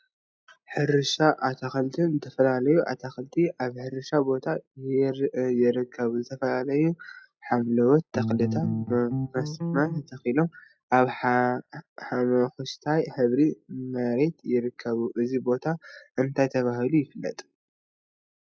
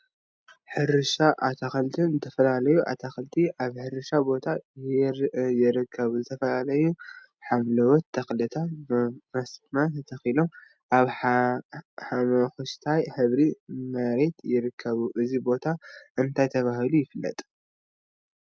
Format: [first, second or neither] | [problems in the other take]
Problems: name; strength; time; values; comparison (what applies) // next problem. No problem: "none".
second | noise reduction (classical method log-MMSE)